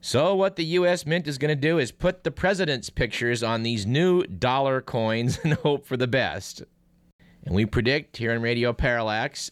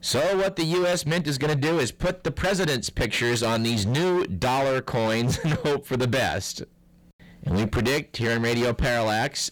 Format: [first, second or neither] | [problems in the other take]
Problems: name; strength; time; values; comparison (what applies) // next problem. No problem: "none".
first | distortion; heavy; 29% of the sound clipped